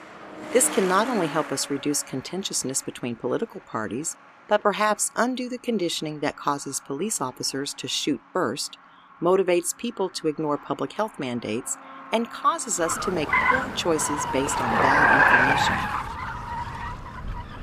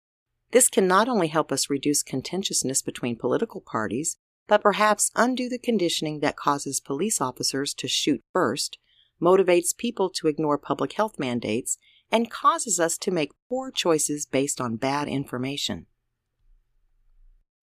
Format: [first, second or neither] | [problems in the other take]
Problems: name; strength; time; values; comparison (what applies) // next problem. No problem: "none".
second | traffic noise; very loud; throughout; 2 dB above the speech